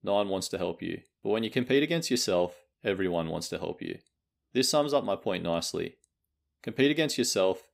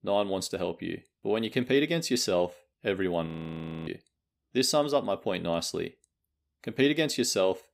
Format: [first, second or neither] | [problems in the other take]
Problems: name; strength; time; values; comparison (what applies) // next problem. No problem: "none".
first | audio freezing; at 3.5 s for 0.5 s